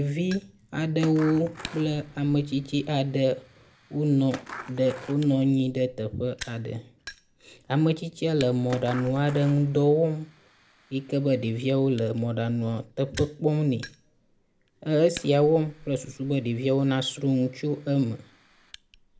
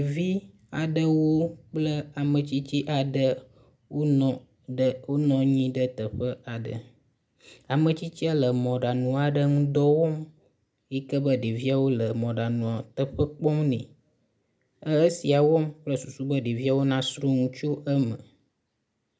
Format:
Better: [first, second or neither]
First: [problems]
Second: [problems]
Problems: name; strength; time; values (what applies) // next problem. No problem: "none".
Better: second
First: background sound (Fire + Skateboard); 19 dB below the speech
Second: none